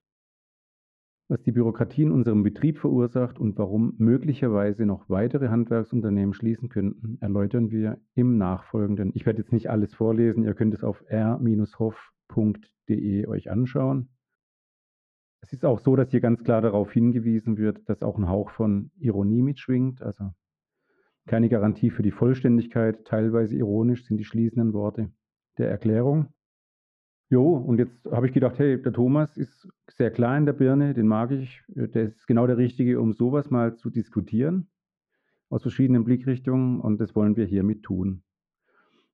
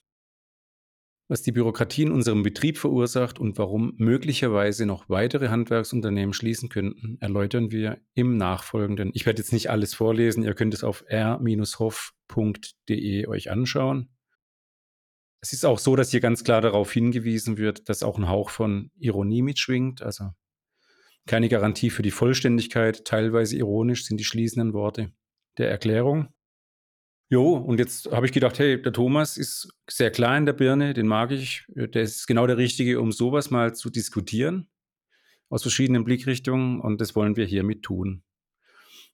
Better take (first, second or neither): second